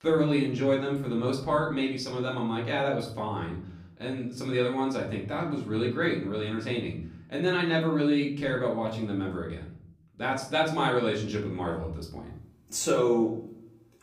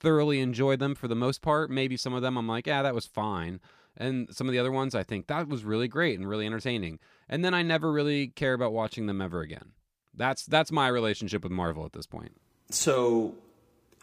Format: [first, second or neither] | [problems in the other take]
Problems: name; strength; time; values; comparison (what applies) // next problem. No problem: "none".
second | off-mic speech; far // room echo; slight; dies away in 0.6 s